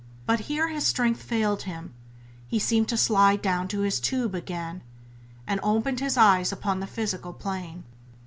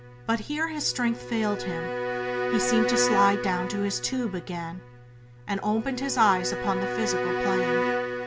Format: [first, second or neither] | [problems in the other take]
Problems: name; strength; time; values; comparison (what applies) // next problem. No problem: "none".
first | background sound (Bowed string instrument); 2 dB below the speech